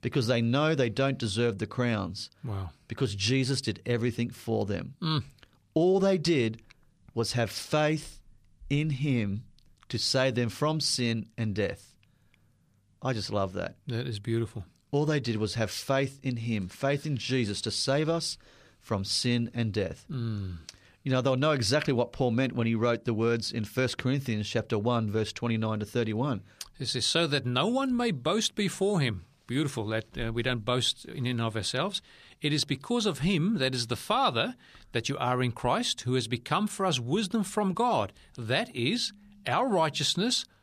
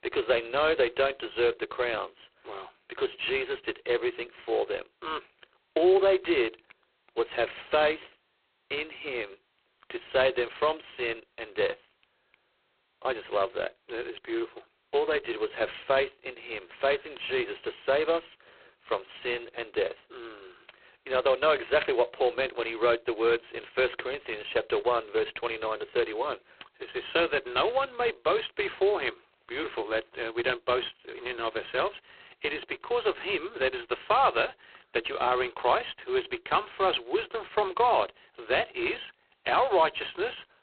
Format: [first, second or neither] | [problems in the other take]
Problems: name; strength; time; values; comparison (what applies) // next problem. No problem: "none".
first | phone-call audio; poor line; nothing above 4 kHz